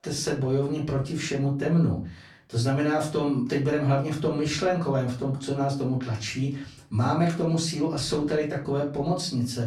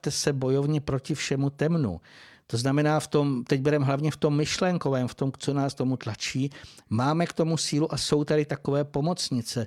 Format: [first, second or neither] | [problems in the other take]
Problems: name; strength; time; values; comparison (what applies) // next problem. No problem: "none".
second | off-mic speech; far // room echo; slight; dies away in 0.4 s